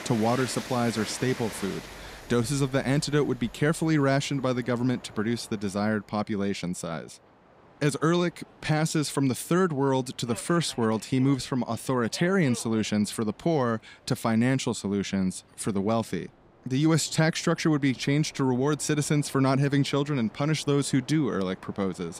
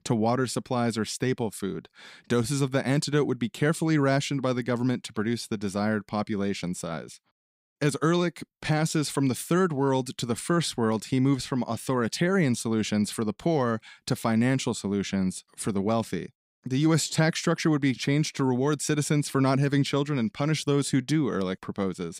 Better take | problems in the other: second | train or aircraft noise; noticeable; throughout; 20 dB below the speech

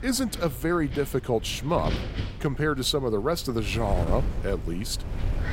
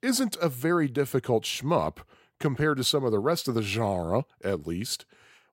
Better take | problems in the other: second | wind noise on the microphone; occasional gusts; 15 dB below the speech

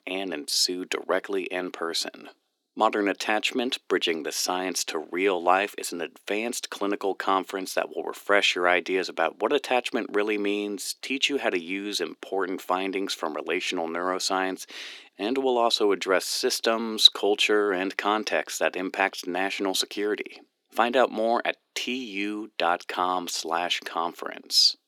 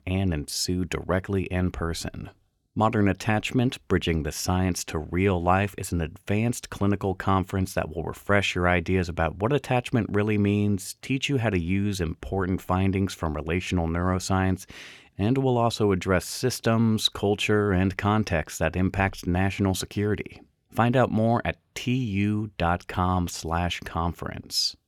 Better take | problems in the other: second | thin; somewhat; fading below 300 Hz

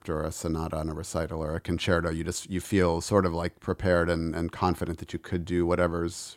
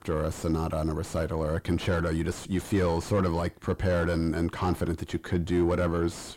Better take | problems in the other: first | distortion; heavy; 6 dB below the speech

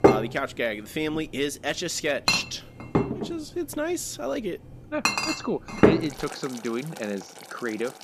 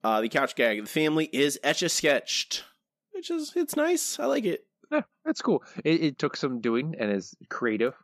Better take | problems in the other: second | household noises; very loud; throughout; 5 dB above the speech

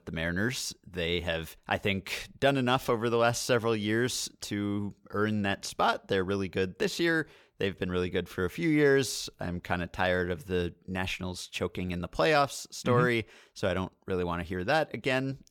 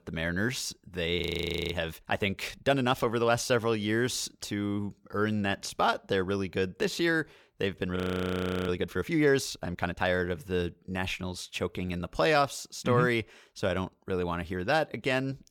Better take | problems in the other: first | audio freezing; at 1 s for 0.5 s and at 8 s for 0.5 s

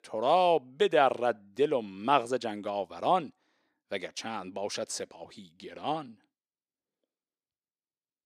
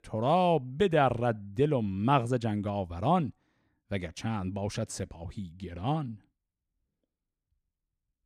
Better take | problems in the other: second | thin; somewhat; fading below 400 Hz

